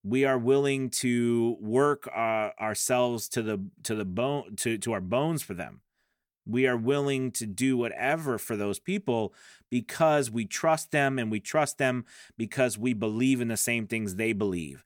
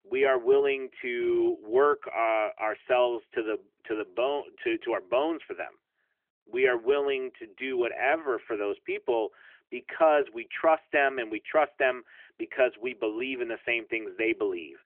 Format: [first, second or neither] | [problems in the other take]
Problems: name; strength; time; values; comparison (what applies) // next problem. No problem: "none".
first | phone-call audio; nothing above 3 kHz